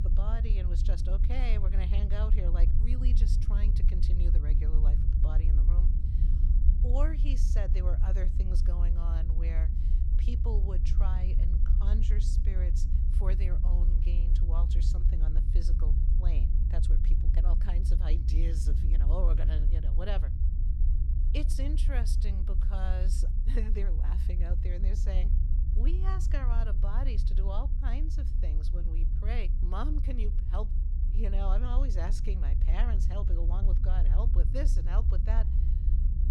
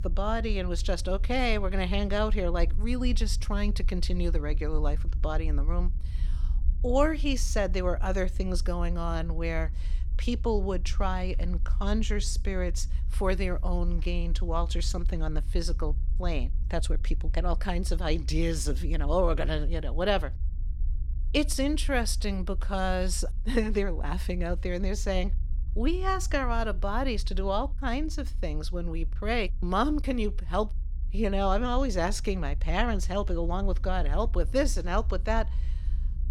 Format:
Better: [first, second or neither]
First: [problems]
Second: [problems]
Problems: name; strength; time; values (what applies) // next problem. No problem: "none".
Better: second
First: low rumble; loud; throughout; 5 dB below the speech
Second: low rumble; faint; throughout; 20 dB below the speech